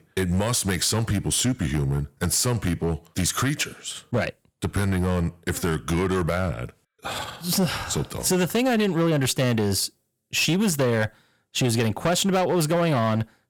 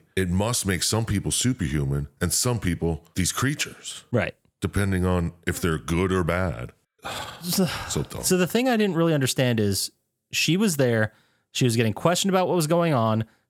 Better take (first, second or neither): second